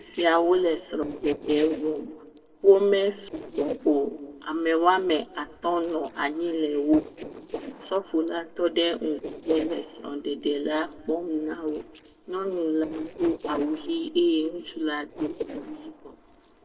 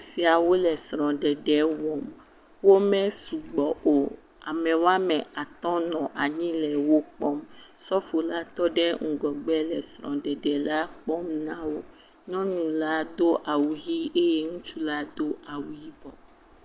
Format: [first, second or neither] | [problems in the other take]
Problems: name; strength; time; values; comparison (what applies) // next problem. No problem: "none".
second | noise reduction (neural separator model SepFormer DNS4)